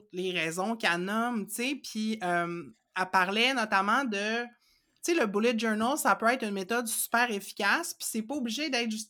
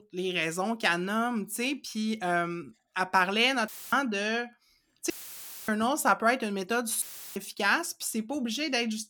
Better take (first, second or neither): first